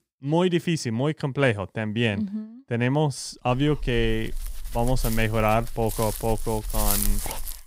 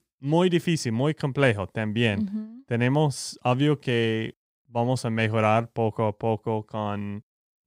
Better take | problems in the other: second | dog barking; loud; from 3.5 s on; peak 2 dB above the speech

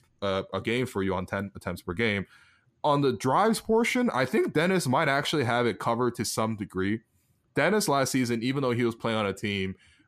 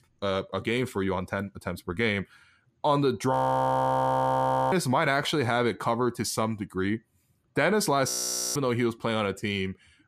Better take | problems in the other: first | audio freezing; at 3.5 s for 1.5 s and at 8 s

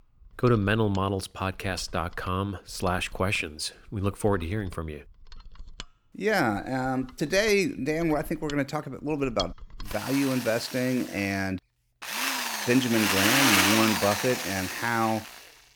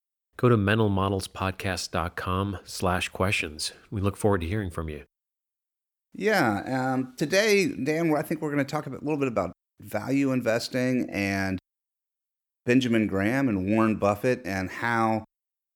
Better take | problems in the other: second | machinery noise; very loud; throughout; 1 dB above the speech

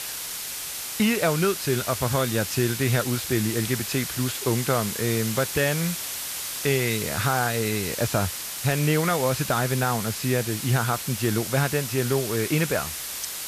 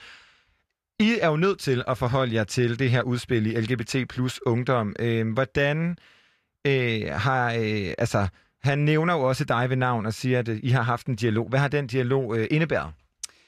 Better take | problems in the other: second | hiss; loud; throughout; 5 dB below the speech

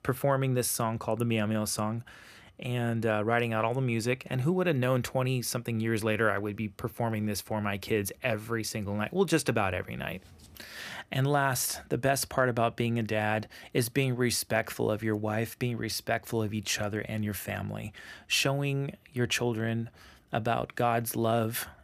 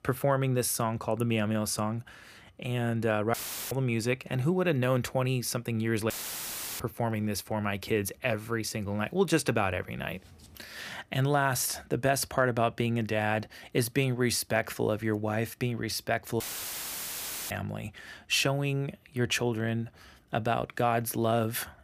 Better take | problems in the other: first | audio cutting out; filled with static; at 3.5 s, at 6 s for 0.5 s and at 16 s for 1 s

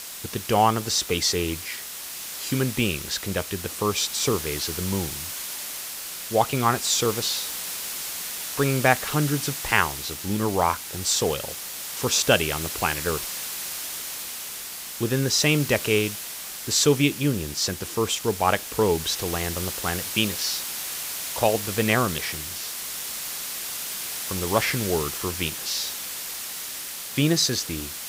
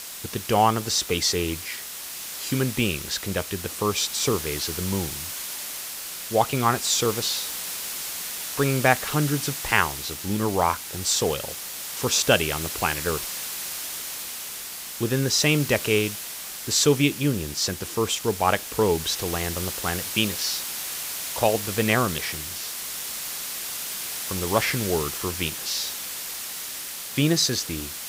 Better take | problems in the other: neither | hiss; loud; throughout; 6 dB below the speech; the same in both

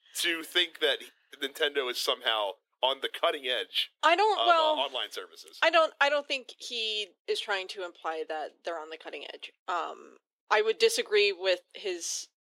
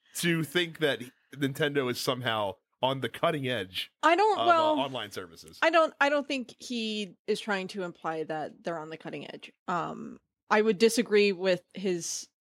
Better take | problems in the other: second | thin; very; fading below 400 Hz

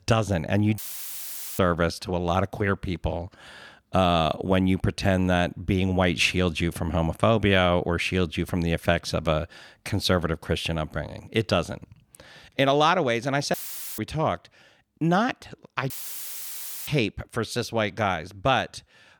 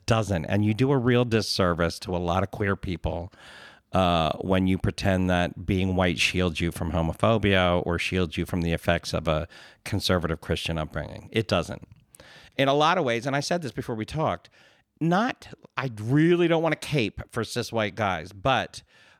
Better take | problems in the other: second | audio cutting out; filled with static; at 1 s for 1 s, at 14 s and at 16 s for 1 s

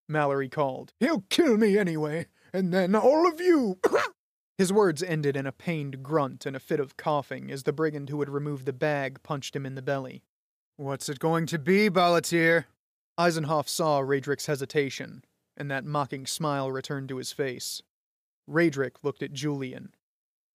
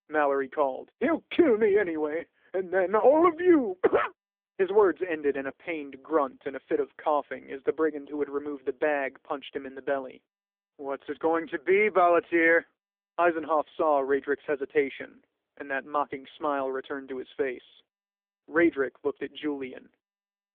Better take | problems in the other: first | phone-call audio; poor line; nothing above 3.5 kHz

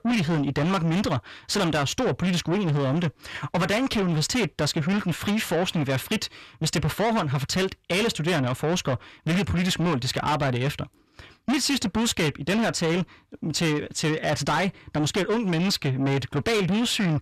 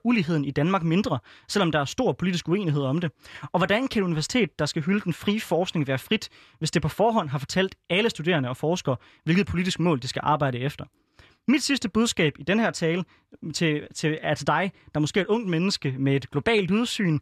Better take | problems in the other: second | distortion; heavy; 7 dB below the speech

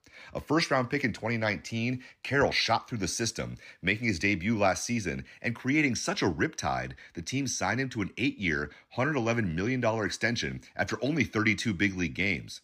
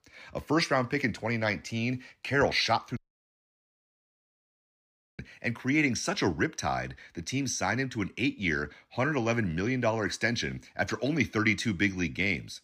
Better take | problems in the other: first | audio cutting out; at 3 s for 2 s

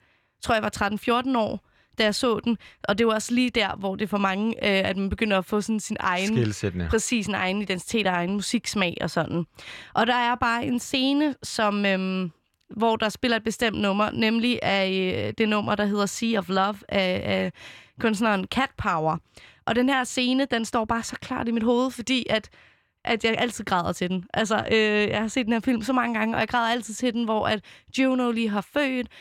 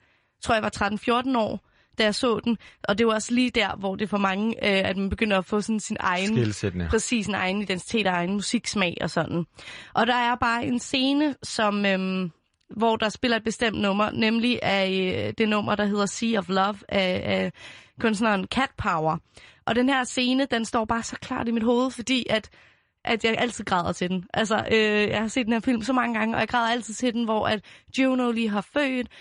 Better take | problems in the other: first | garbled, watery; slightly; nothing above 10 kHz

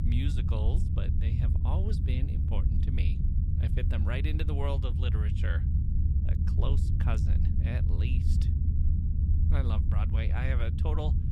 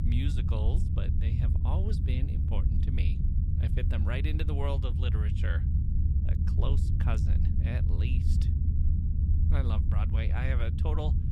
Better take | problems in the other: neither | low rumble; loud; throughout; 3 dB below the speech; the same in both

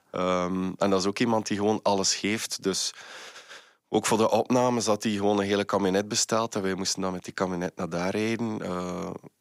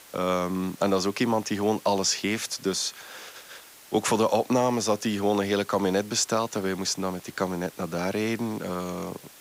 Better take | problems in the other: first | hiss; faint; throughout; 20 dB below the speech

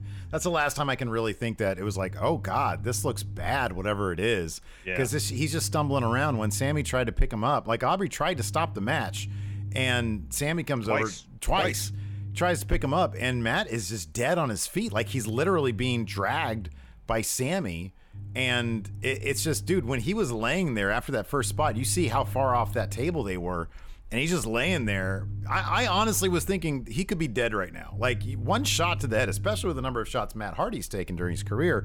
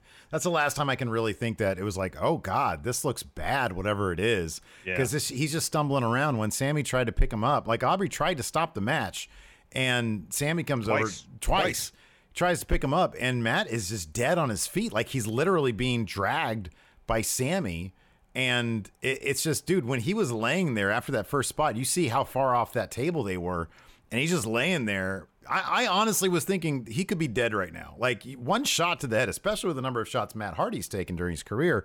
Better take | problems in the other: second | low rumble; faint; throughout; 25 dB below the speech

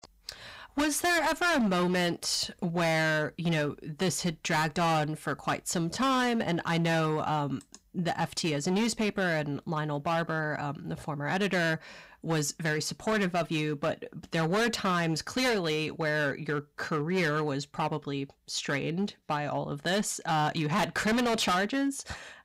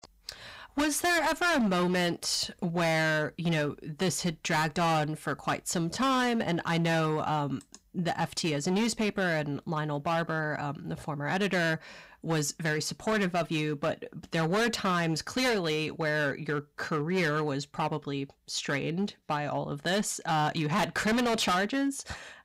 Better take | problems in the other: neither | distortion; heavy; 14% of the sound clipped; the same in both

